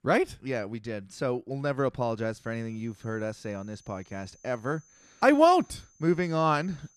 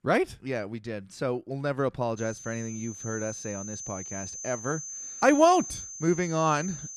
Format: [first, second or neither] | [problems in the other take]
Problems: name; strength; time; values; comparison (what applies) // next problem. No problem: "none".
first | high-pitched whine; loud; from 2 s on; 6.5 kHz, 9 dB below the speech; faint in the first